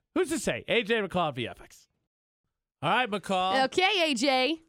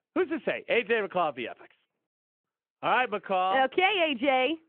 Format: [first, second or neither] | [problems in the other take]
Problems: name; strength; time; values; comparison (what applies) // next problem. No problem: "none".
first | phone-call audio